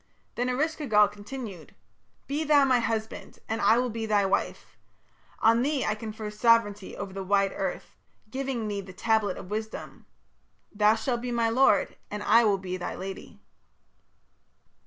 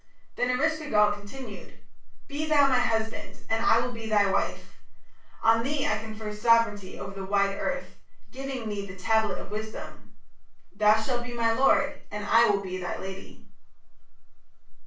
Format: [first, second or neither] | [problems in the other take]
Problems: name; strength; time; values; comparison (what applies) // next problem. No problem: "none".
first | room echo; dies away in 0.3 s